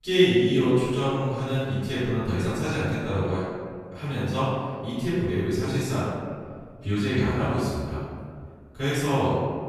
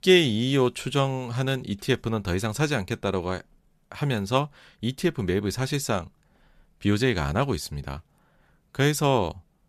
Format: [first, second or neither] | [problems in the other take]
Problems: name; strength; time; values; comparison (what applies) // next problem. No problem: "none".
second | off-mic speech; far // room echo; strong; dies away in 1.9 s